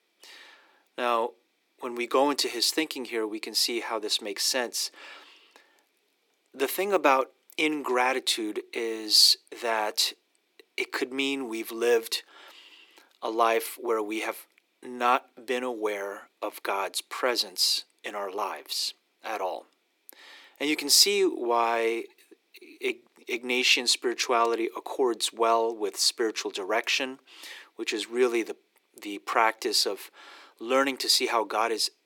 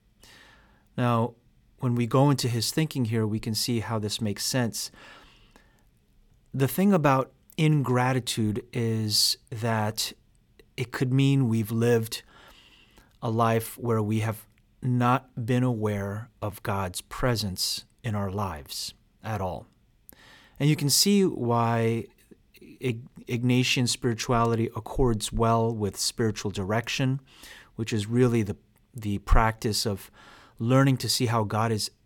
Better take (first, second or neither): second